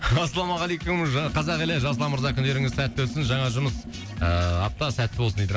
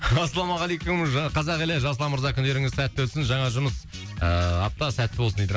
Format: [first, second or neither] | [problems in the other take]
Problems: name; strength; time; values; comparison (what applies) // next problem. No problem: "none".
second | background sound (Sink (filling or washing)); 13 dB below the speech